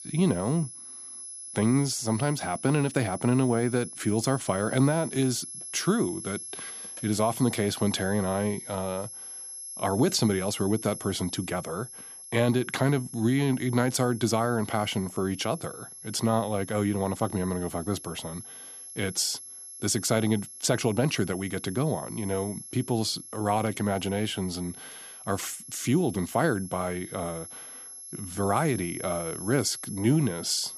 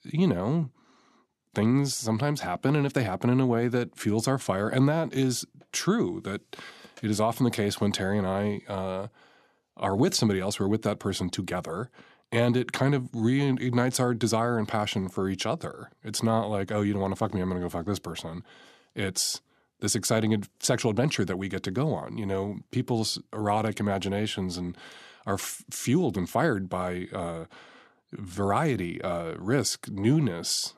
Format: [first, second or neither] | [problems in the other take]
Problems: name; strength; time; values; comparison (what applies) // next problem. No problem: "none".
second | high-pitched whine; noticeable; throughout; 11 kHz, 10 dB below the speech